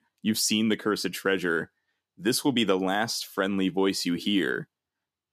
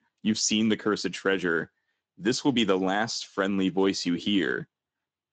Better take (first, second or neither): first